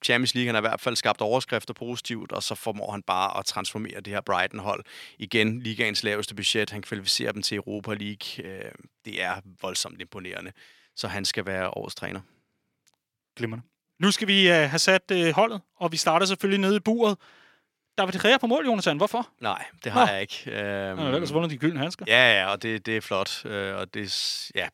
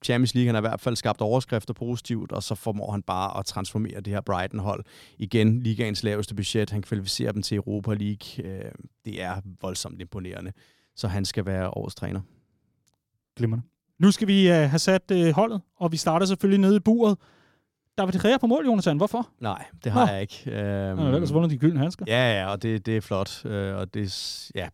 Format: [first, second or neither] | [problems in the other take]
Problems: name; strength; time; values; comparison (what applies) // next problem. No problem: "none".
second | thin; somewhat; fading below 950 Hz